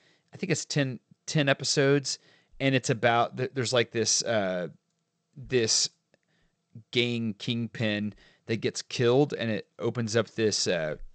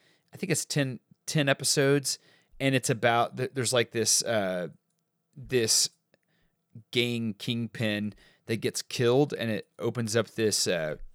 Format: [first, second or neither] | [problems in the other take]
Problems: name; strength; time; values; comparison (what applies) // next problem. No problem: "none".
second | garbled, watery; slightly; nothing above 8 kHz